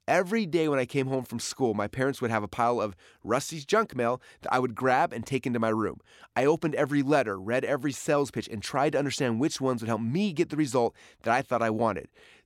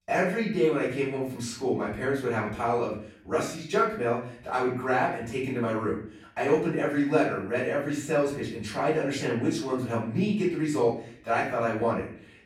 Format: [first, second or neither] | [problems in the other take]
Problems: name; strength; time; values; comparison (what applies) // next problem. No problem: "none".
first | room echo; noticeable; dies away in 0.5 s // off-mic speech; far